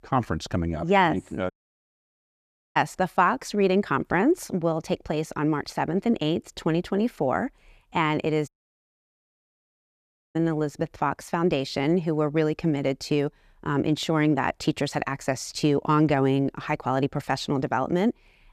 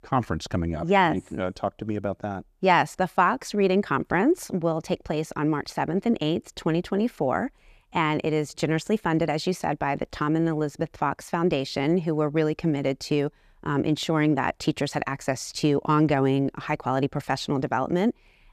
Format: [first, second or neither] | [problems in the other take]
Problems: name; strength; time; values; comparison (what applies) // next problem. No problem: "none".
second | audio cutting out; at 1.5 s for 1.5 s and at 8.5 s for 2 s